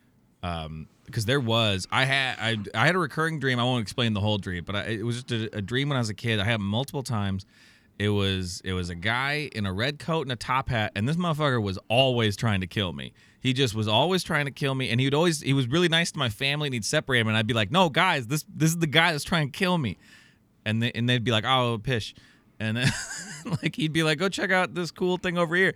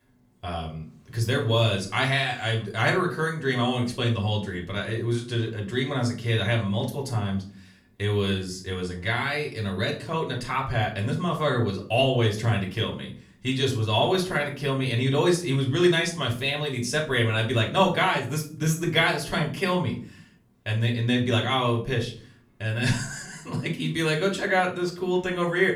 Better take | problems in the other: first | room echo; slight; dies away in 0.4 s // off-mic speech; far

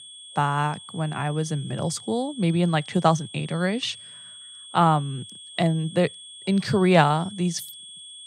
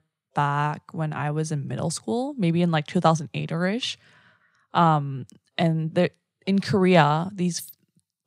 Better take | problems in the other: second | high-pitched whine; noticeable; throughout; 3.5 kHz, 15 dB below the speech

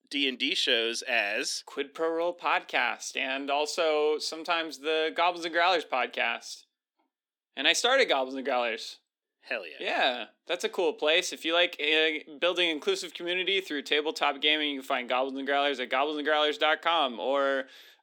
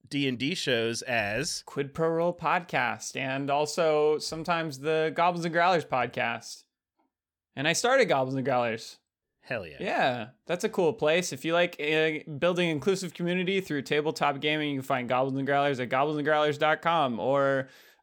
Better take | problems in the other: second | thin; very slightly; fading below 250 Hz

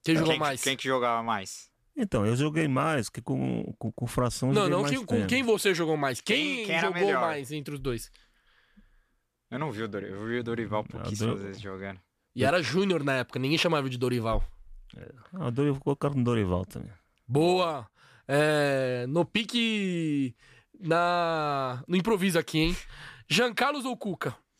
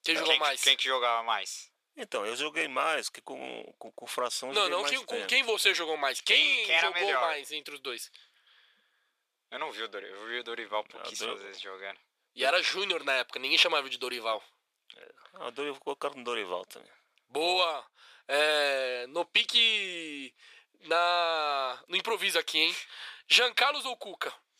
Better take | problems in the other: first | thin; very; fading below 500 Hz

